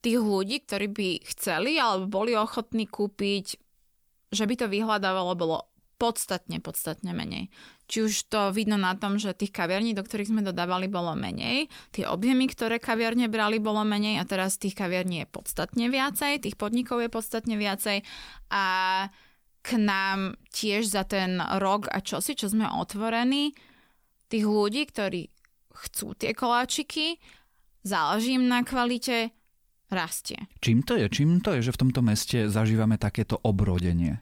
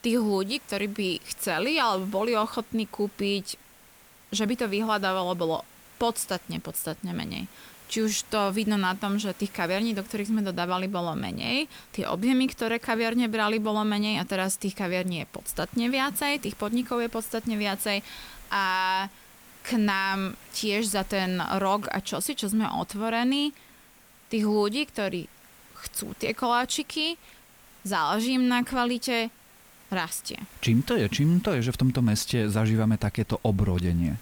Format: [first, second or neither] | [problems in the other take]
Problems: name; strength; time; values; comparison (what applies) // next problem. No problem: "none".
first | hiss; faint; throughout; 25 dB below the speech